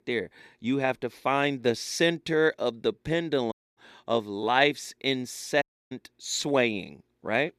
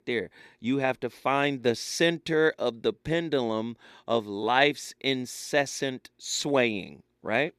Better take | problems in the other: second | audio cutting out; at 3.5 s and at 5.5 s

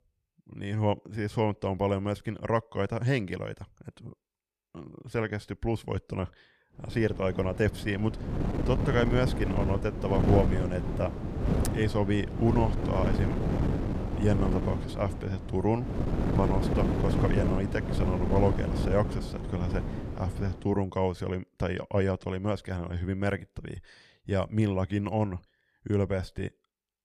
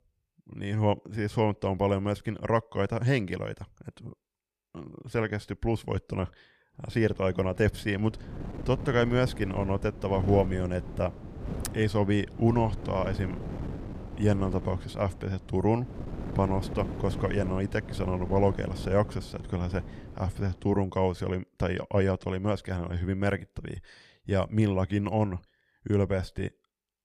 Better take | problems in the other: second | wind noise on the microphone; heavy; from 7 to 21 s; 4 dB below the speech; occasional gusts in the second

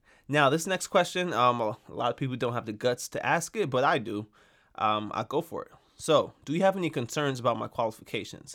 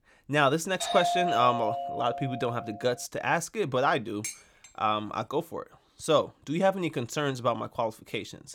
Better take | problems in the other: first | doorbell; loud; from 1 to 2.5 s; peak 2 dB above the speech // clattering dishes; noticeable; at 4 s; peak 9 dB below the speech

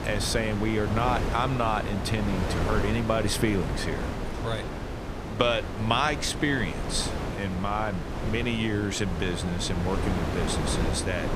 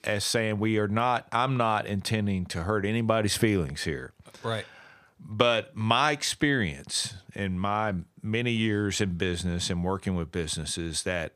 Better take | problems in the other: second | wind noise on the microphone; heavy; 6 dB below the speech

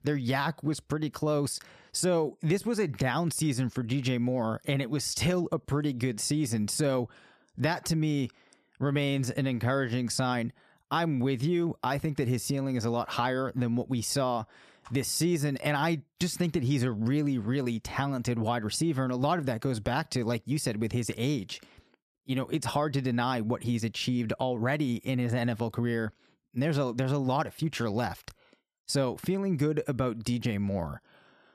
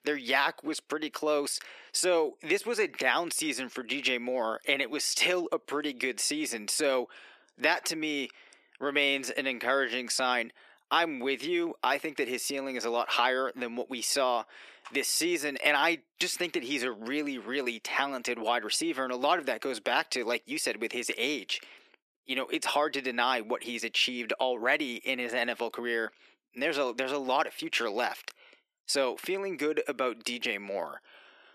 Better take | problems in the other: first | thin; somewhat; fading below 350 Hz

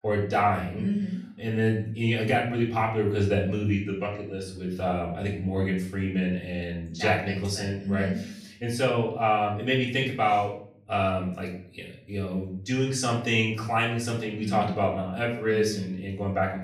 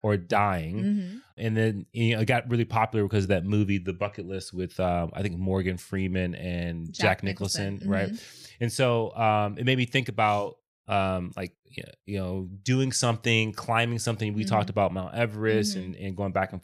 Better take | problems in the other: second | off-mic speech; far // room echo; slight; dies away in 0.5 s

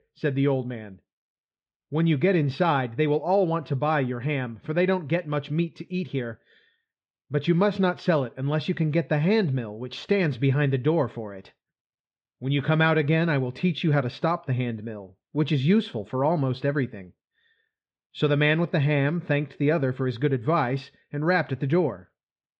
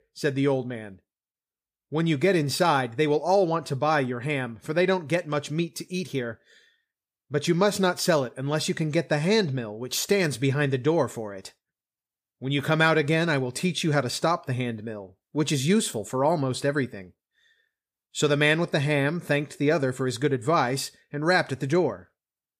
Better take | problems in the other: second | muffled; slightly; fading above 3.5 kHz

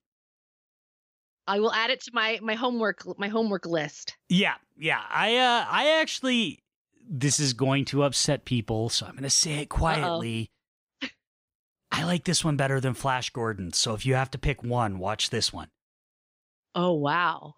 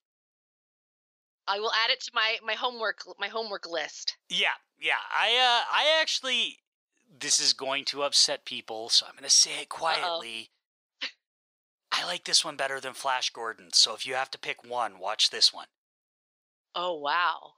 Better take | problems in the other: first | thin; very; fading below 700 Hz

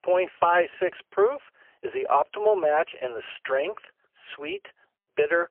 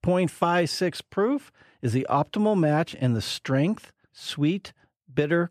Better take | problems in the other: second | phone-call audio; poor line; nothing above 3 kHz

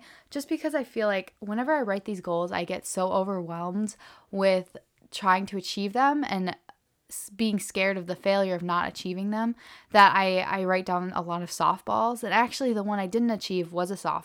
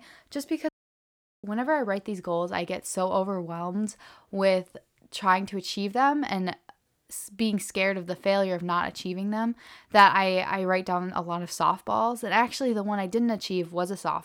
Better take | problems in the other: first | audio cutting out; at 0.5 s for 0.5 s

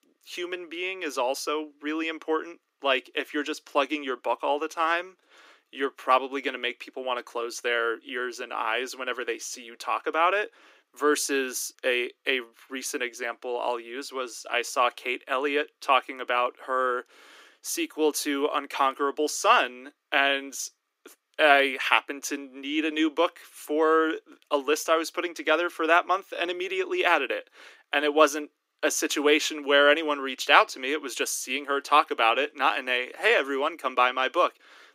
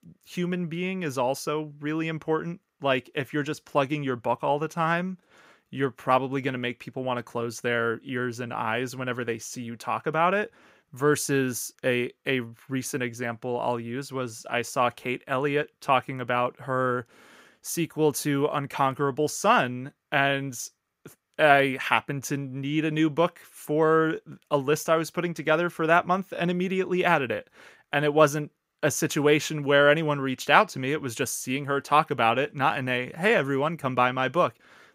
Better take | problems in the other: second | thin; somewhat; fading below 300 Hz

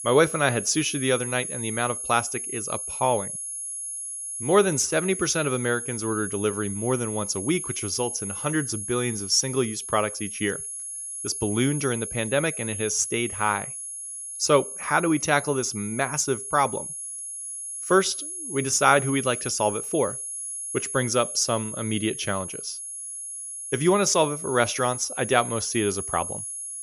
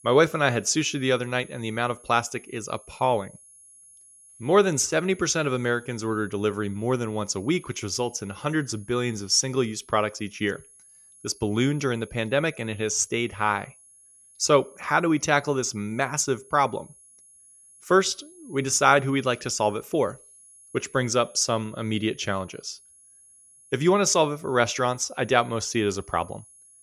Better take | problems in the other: second | high-pitched whine; loud; throughout; 10.5 kHz, 6 dB below the speech; faint in the second

